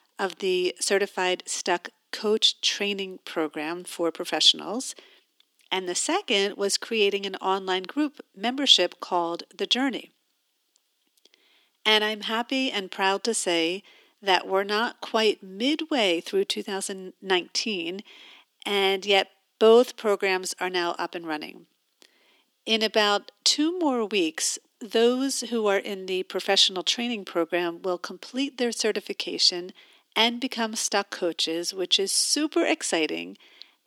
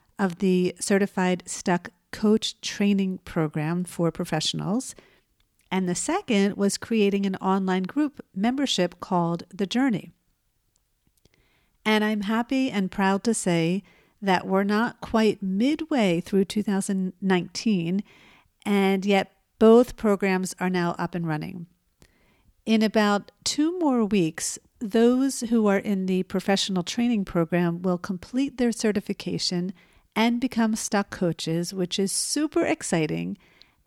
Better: second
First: thin; somewhat; fading below 300 Hz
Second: none

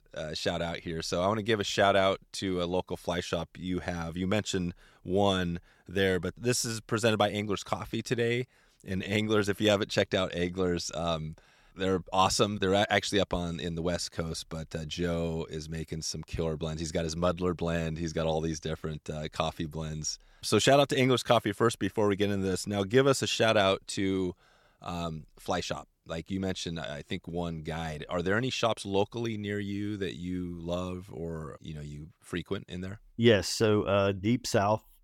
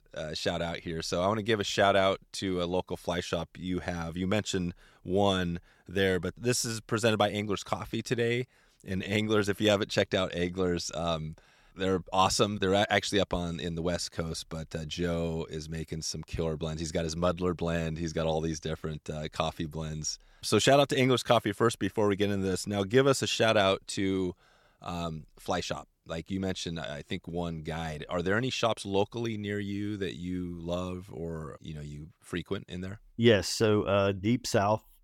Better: neither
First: none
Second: none

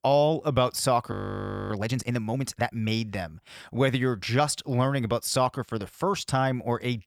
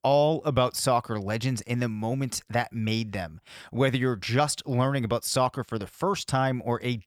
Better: second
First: audio freezing; at 1 s for 0.5 s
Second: none

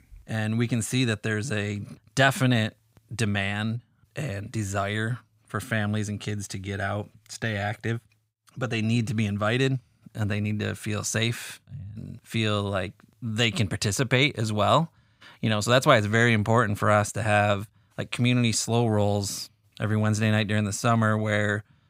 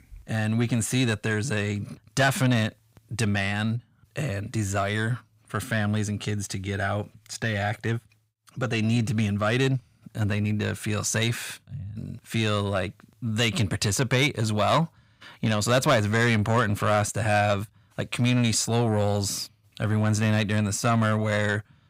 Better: first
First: none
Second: distortion; slight; 10 dB below the speech

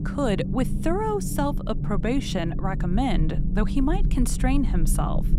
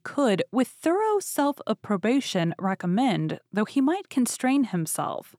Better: second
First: low rumble; loud; throughout; 10 dB below the speech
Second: none

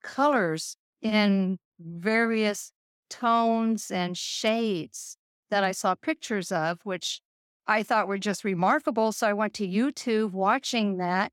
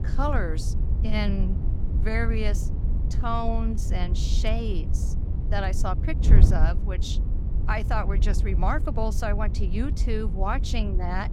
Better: first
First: none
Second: wind noise on the microphone; occasional gusts; 10 dB below the speech

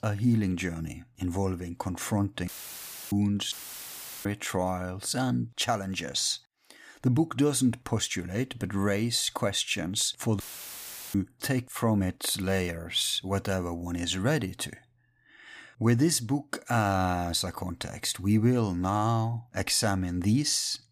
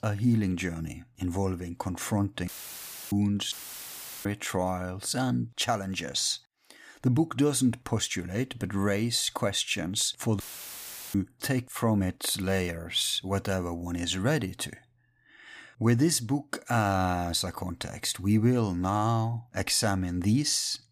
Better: neither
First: audio cutting out; filled with static; at 2.5 s for 0.5 s, at 3.5 s for 0.5 s and at 10 s for 0.5 s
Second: audio cutting out; filled with static; at 2.5 s for 0.5 s, at 3.5 s for 0.5 s and at 10 s for 0.5 s

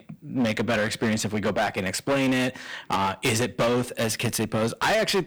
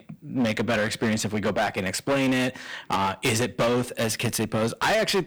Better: neither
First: distortion; heavy; 18% of the sound clipped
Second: distortion; heavy; 18% of the sound clipped

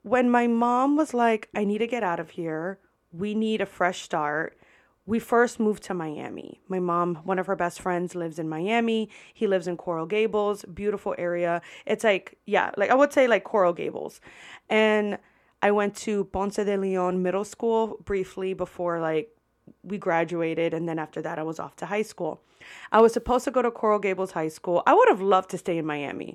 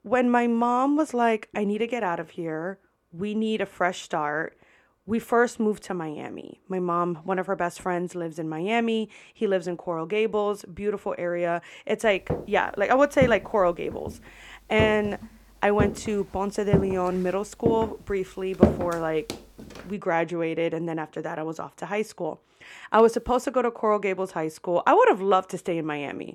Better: first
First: none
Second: footsteps; loud; from 12 to 19 s; peak 4 dB above the speech

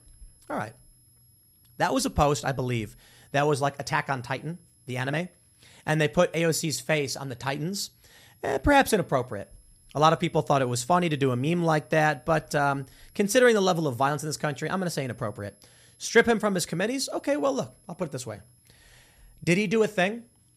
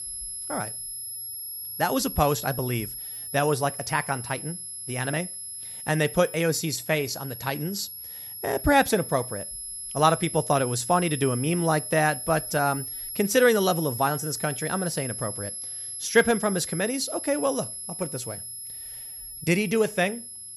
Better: first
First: high-pitched whine; faint; throughout; 11 kHz, 35 dB below the speech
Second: high-pitched whine; loud; throughout; 11 kHz, 8 dB below the speech

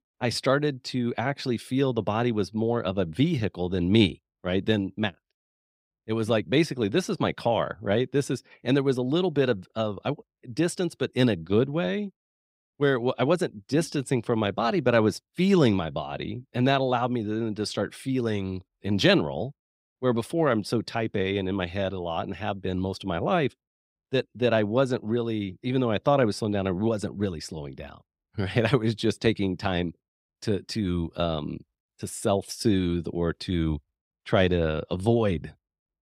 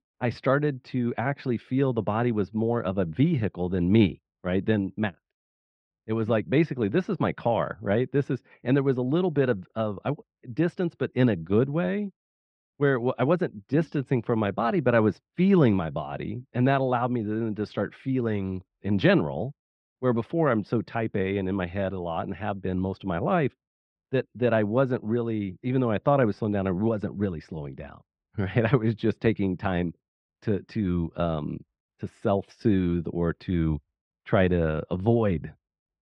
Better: first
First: none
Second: muffled; very; fading above 2 kHz

